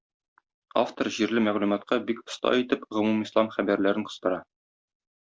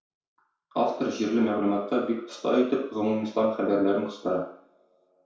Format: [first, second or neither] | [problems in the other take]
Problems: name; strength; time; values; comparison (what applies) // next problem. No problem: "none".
first | room echo; dies away in 0.6 s